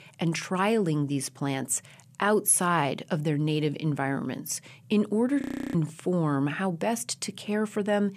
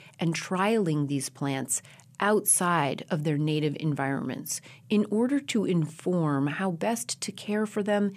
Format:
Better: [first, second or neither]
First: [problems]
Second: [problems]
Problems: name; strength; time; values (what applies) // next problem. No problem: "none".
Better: second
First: audio freezing; at 5.5 s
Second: none